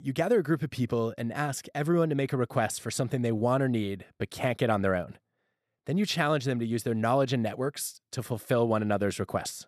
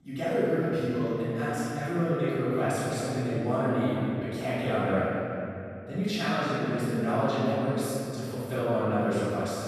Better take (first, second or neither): first